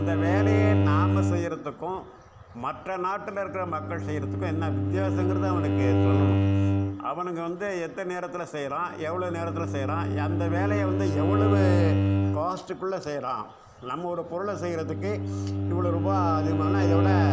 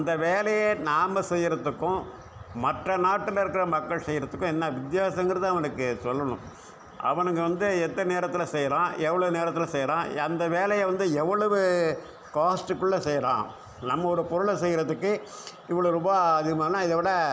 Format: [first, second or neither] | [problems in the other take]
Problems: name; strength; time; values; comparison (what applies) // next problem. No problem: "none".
second | background sound (Bowed string instrument); 5 dB above the speech